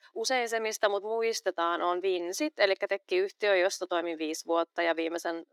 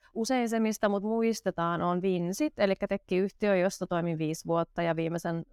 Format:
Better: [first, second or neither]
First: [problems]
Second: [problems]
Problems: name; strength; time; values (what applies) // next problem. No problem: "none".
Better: second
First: thin; very; fading below 350 Hz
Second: none